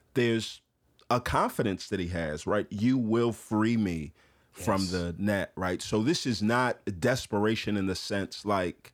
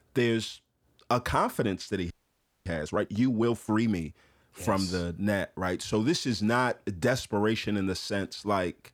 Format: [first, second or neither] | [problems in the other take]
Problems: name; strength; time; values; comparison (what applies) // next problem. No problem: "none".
first | audio freezing; at 2 s for 0.5 s